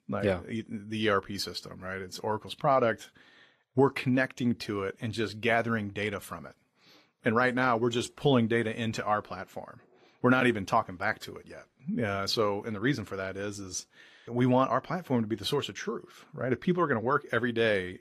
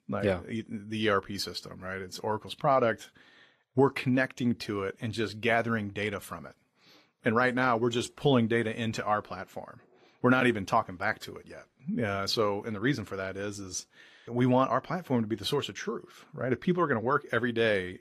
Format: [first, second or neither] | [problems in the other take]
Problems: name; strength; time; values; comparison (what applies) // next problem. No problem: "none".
neither | garbled, watery; slightly; nothing above 14.5 kHz; the same in both